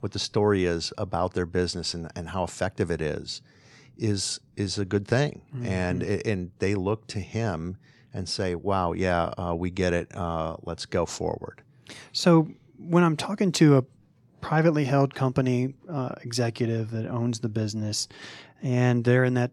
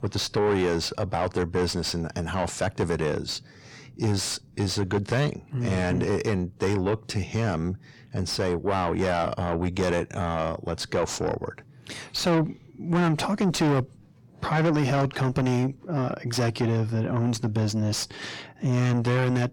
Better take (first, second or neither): first